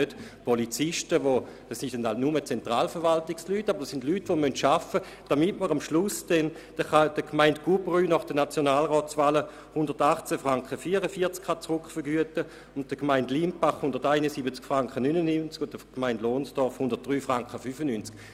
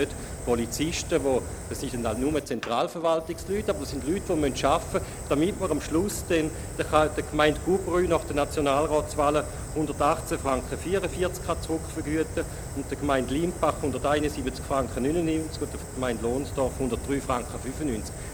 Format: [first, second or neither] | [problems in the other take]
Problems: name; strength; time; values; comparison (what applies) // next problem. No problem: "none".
first | background sound (Fire); 9 dB below the speech